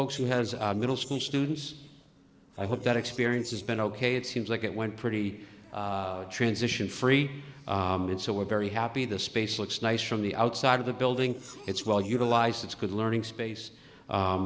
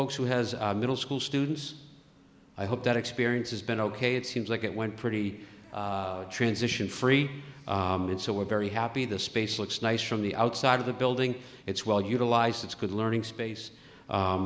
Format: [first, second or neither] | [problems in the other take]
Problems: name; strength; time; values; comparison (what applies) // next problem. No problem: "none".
second | noise reduction (neural separator model SepFormer DNS4)